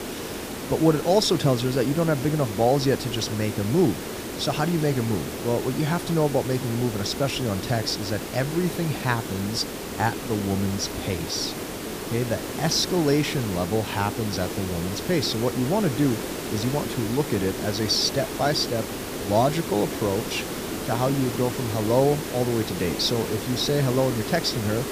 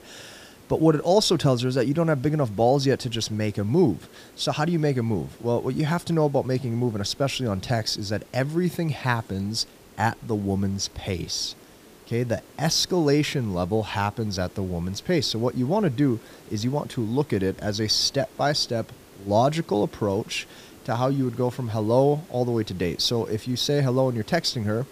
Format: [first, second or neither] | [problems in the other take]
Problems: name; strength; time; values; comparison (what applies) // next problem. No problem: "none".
second | hiss; loud; throughout; 6 dB below the speech; faint in the second